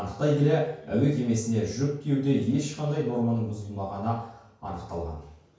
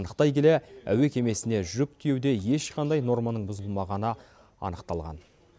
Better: second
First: room echo; dies away in 0.5 s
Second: none

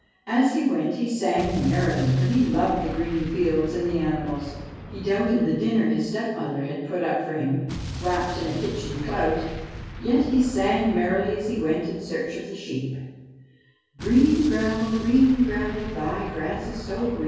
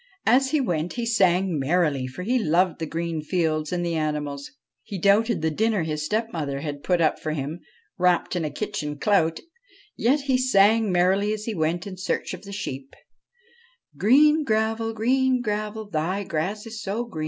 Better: second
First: background sound (Explosion); 13 dB below the speech // room echo; dies away in 1.3 s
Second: none

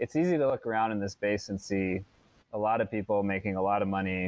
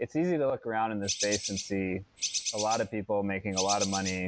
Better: first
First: none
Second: background sound (Bird); 4 dB below the speech

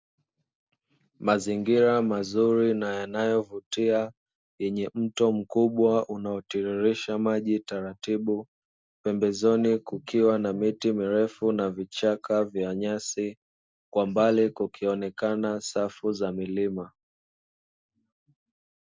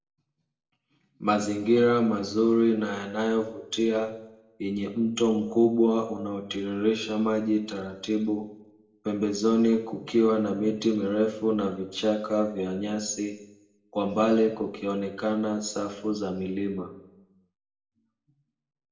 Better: first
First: none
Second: room echo; dies away in 0.7 s

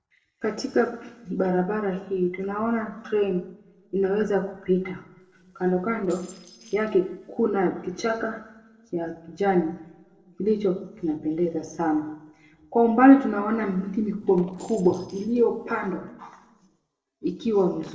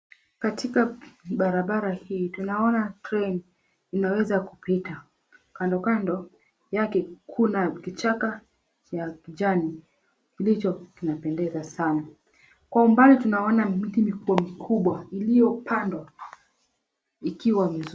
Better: second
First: noise reduction (neural separator model SepFormer DNS4)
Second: none

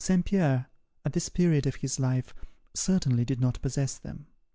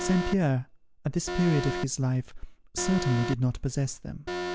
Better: first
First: none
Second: background sound (Alarm); 7 dB below the speech

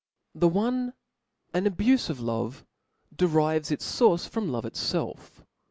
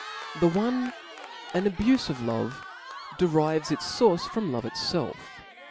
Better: first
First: none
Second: background sound (Cheering); 14 dB below the speech

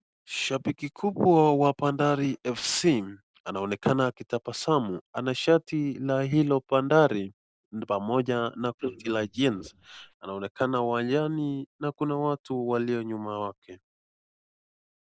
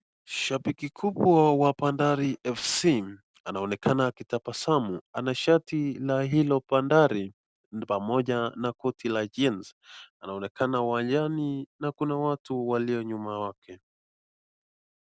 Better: second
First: noise reduction (neural mask model Resemble Enhance denoiser)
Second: none

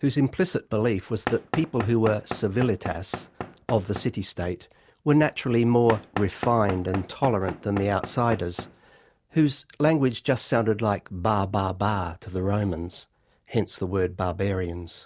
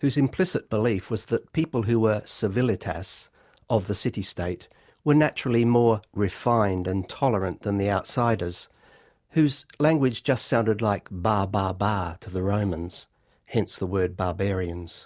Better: second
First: background sound (Knock / Wood); 11 dB below the speech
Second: none

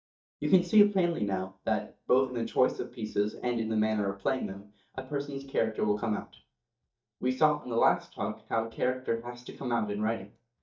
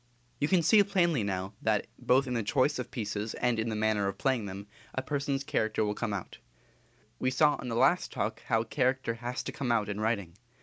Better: second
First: noise reduction (neural mask model DeepFilterNet 3)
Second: none

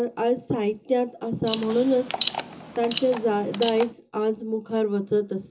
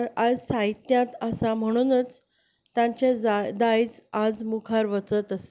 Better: second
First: background sound (Alarm); 10 dB below the speech // room echo; dies away in 0.2 s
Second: none

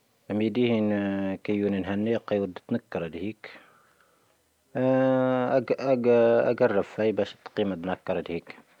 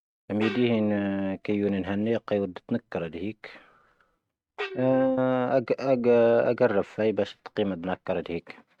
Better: first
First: none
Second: noise reduction (neural mask model RNNoise)

